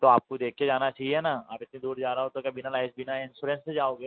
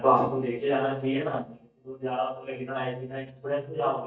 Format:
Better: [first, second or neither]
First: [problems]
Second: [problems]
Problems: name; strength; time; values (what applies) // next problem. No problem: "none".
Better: first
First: none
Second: noise reduction (neural mask model DeepFilterNet 3)